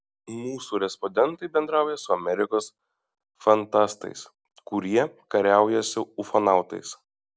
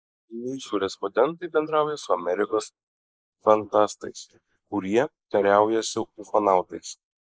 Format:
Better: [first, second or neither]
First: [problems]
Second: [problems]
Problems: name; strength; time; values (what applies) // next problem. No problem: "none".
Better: first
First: none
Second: noise reduction (neural mask model Resemble Enhance denoiser)